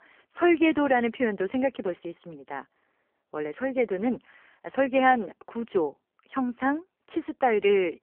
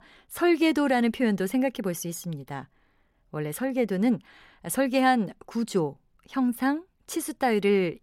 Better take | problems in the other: second | phone-call audio; poor line; nothing above 3 kHz

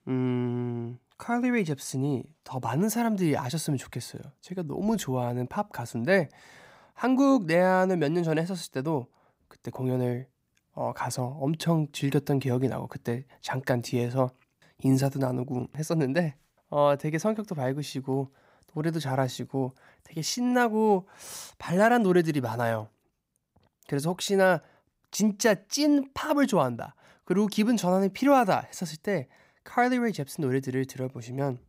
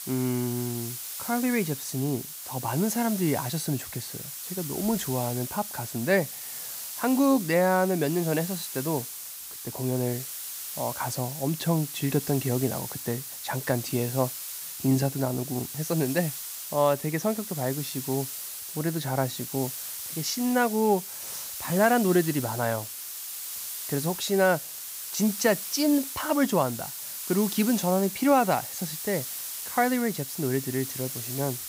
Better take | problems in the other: first | hiss; loud; throughout; 7 dB below the speech

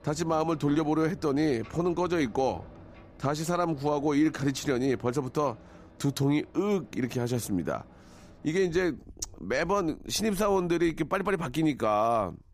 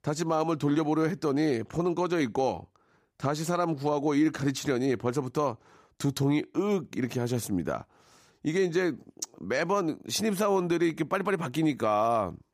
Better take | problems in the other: second | rain or running water; faint; throughout; 25 dB below the speech

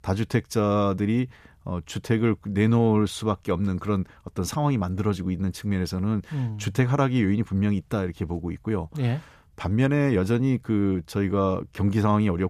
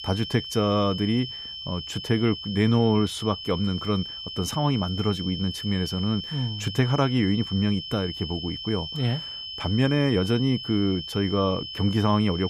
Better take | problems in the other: first | high-pitched whine; loud; throughout; 3 kHz, 8 dB below the speech

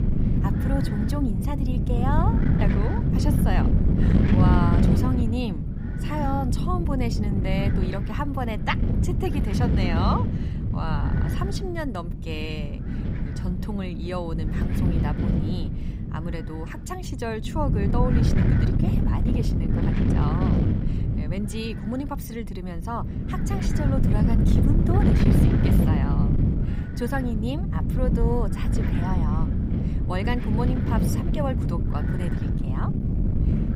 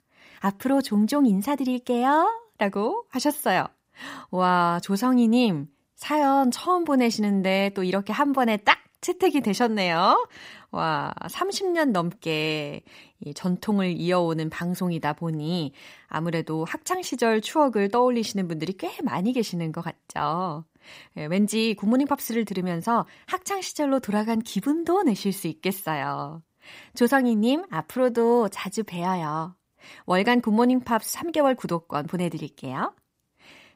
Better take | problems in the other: second | wind noise on the microphone; heavy; 1 dB below the speech

